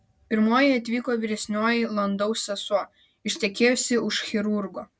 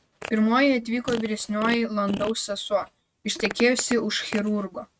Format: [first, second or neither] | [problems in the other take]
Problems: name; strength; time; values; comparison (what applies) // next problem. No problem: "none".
first | noise reduction (neural mask model RNNoise)